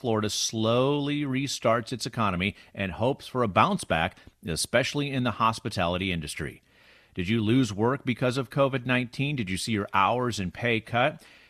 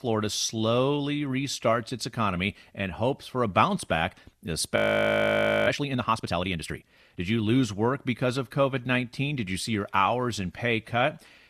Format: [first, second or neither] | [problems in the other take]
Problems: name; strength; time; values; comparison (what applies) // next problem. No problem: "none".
first | audio freezing; at 5 s for 1 s